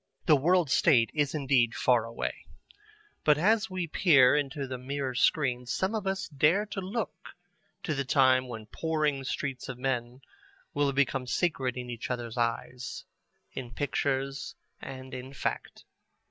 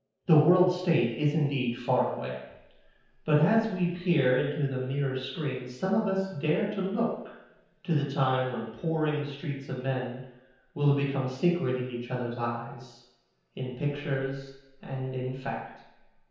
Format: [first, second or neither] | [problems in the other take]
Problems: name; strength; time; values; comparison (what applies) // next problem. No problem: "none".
first | room echo; dies away in 0.9 s